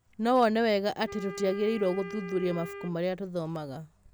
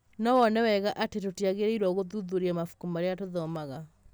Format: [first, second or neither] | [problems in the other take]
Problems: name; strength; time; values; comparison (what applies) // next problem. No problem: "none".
second | background sound (Wind instrument, woodwind instrument); 14 dB below the speech